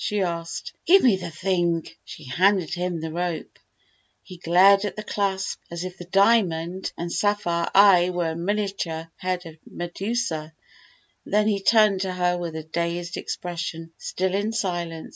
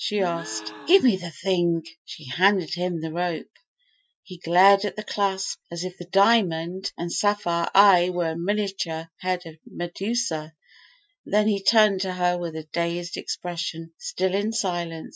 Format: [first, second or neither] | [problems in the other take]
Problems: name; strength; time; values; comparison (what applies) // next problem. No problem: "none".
first | noise reduction (classical method Wiener filter)